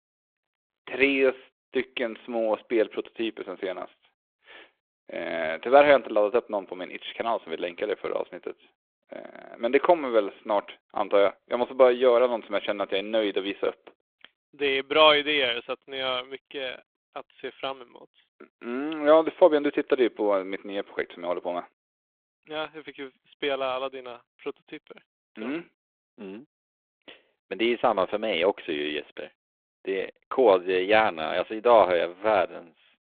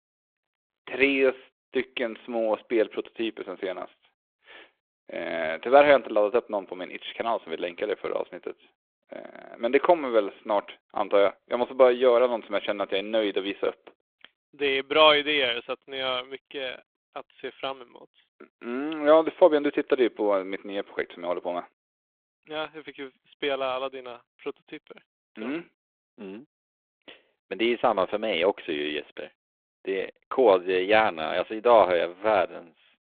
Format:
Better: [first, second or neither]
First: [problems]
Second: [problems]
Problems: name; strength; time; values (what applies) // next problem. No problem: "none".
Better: neither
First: phone-call audio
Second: phone-call audio